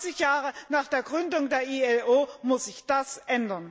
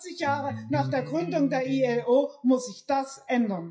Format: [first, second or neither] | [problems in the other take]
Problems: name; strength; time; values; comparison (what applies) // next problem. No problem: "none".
first | noise reduction (classical method WPE with log-MMSE)